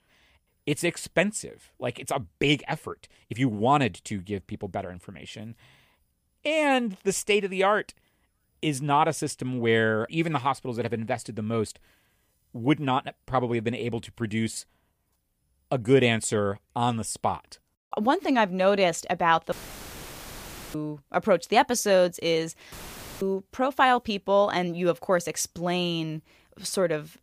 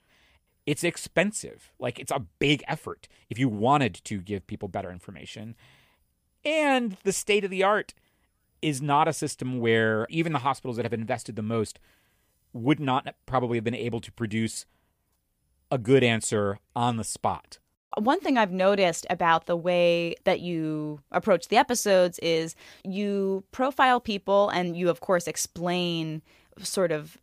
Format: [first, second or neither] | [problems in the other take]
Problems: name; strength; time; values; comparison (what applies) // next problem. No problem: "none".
second | audio cutting out; filled with static; at 20 s for 1 s and at 23 s